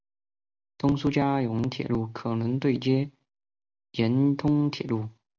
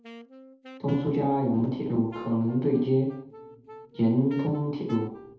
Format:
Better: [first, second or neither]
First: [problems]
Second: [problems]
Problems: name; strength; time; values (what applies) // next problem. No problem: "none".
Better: first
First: none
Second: background sound (Wind instrument, woodwind instrument); 19 dB below the speech // room echo; dies away in 0.8 s